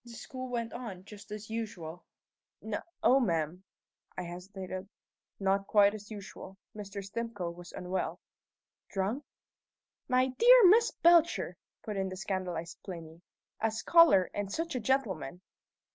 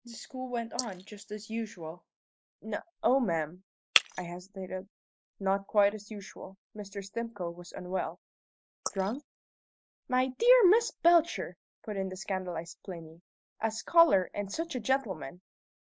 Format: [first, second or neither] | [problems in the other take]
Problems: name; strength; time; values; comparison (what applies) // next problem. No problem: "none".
first | noise reduction (neural mask model Resemble Enhance denoiser)